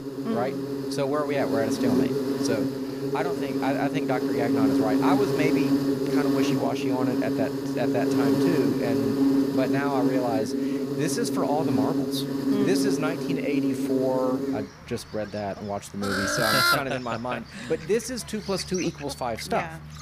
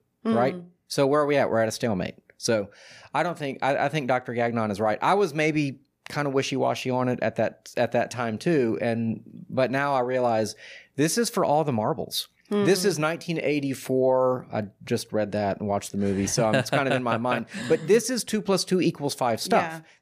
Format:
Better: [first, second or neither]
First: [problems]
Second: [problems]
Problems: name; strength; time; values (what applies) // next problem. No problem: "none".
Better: second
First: animal sounds; very loud; throughout; 4 dB above the speech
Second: none